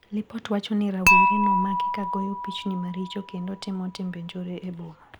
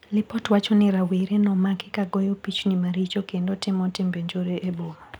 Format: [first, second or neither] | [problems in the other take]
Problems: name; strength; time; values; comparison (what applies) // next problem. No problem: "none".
second | background sound (Dishes, pots, and pans / Chink, clink); 3 dB above the speech